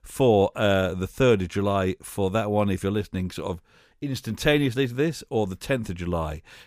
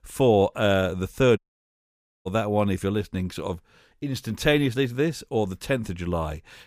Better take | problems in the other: first | audio cutting out; at 1.5 s for 1 s

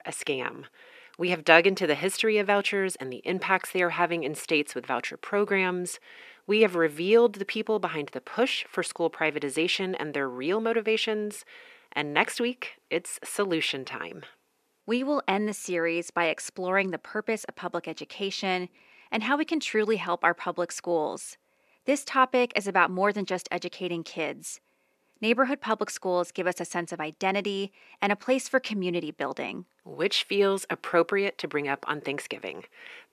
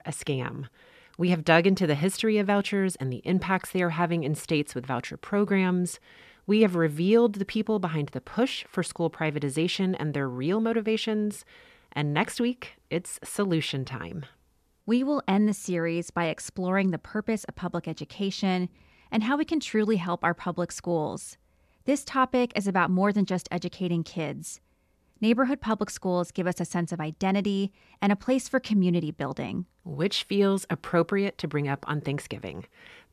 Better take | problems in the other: second | thin; somewhat; fading below 400 Hz

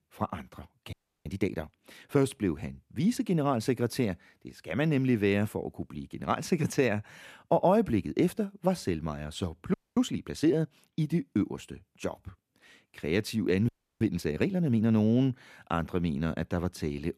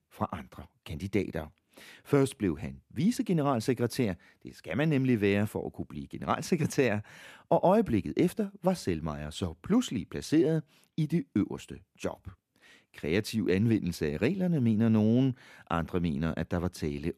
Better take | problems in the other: second | audio freezing; at 1 s, at 9.5 s and at 14 s

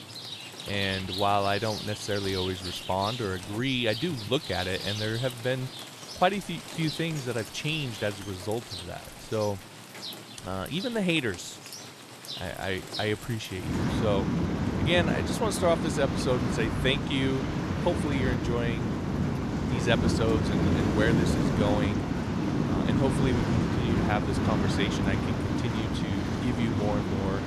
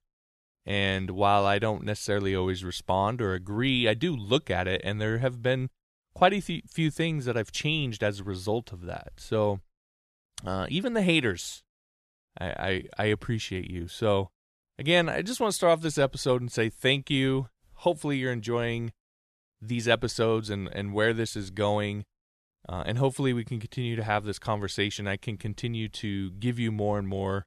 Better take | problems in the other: second | rain or running water; very loud; throughout; as loud as the speech

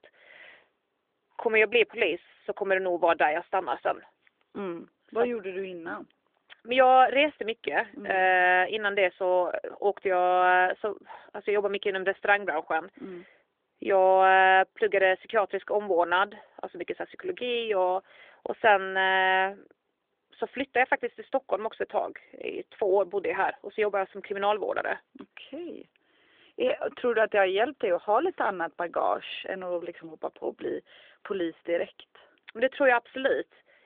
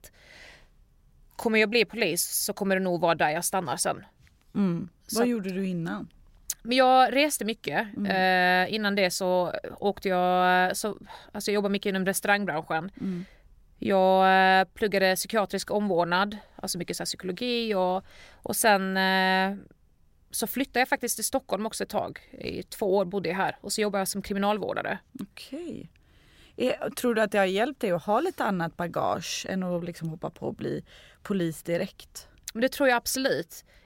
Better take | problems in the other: second | phone-call audio

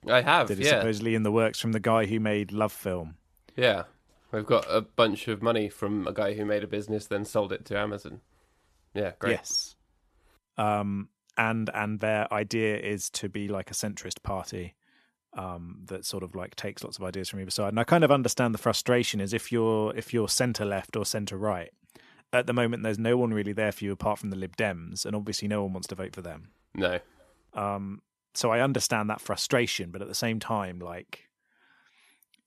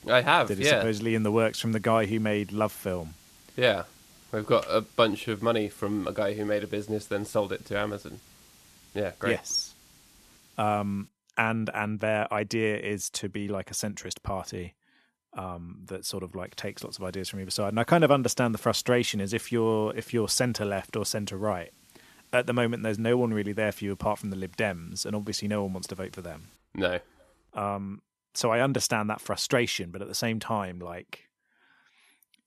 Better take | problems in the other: first | hiss; faint; until 11 s and from 16 to 27 s; 25 dB below the speech

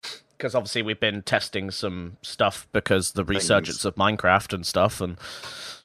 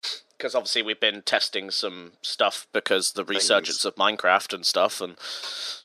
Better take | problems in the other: first | thin; somewhat; fading below 300 Hz

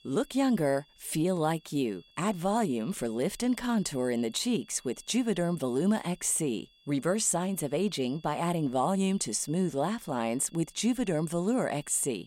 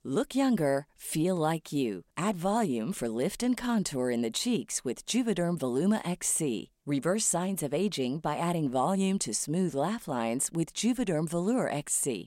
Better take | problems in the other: second | high-pitched whine; faint; throughout; 3.5 kHz, 30 dB below the speech

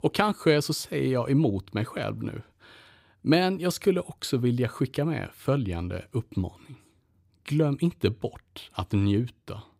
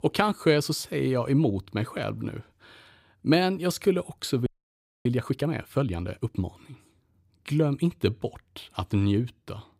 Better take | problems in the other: first | audio freezing; at 4.5 s for 0.5 s

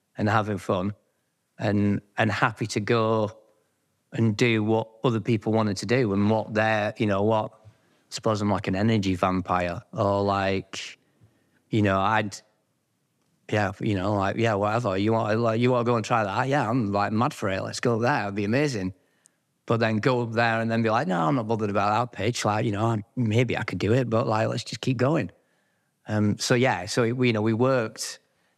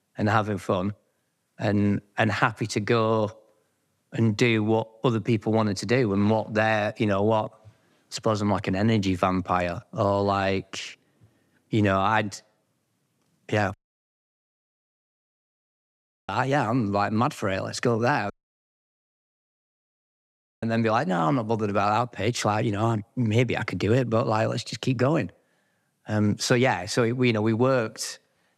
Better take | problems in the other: first | audio cutting out; at 14 s for 2.5 s and at 18 s for 2.5 s

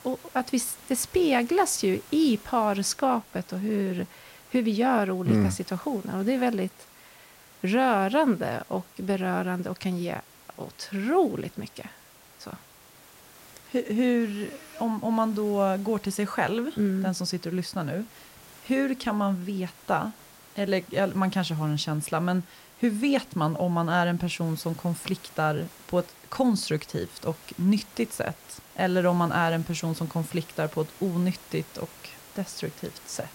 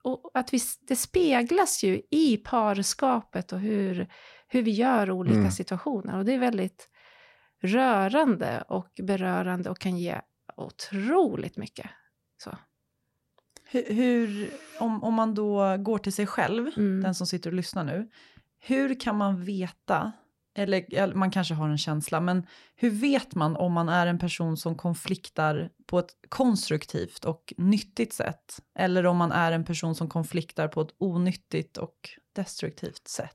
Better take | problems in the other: second | hiss; faint; throughout; 20 dB below the speech

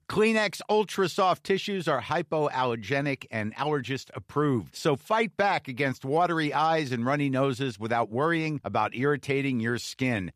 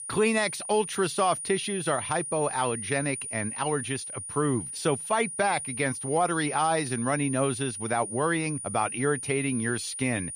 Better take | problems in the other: first | high-pitched whine; loud; throughout; 9.5 kHz, 6 dB below the speech

